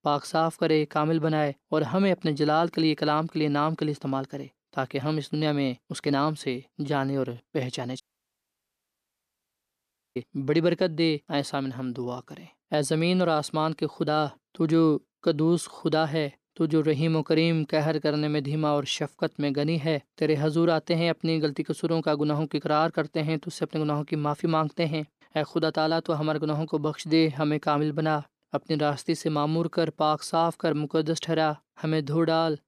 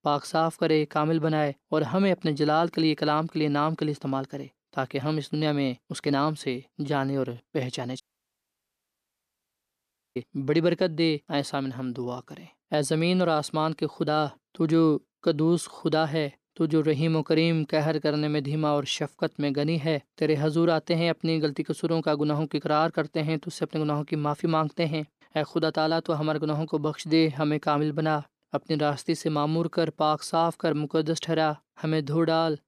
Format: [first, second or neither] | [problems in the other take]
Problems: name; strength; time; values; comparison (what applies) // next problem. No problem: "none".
neither | audio cutting out; at 8 s for 2 s; the same in both